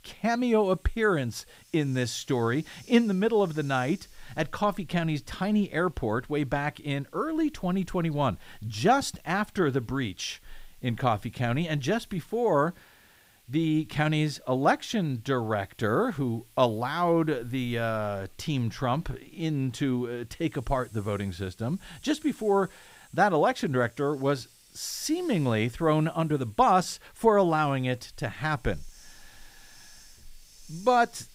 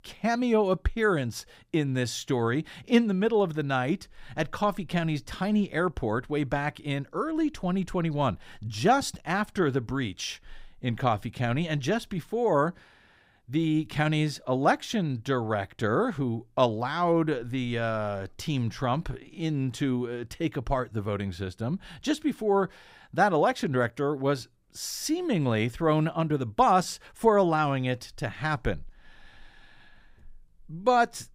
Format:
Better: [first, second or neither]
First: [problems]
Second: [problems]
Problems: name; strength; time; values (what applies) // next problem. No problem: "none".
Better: second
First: hiss; faint; throughout; 30 dB below the speech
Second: none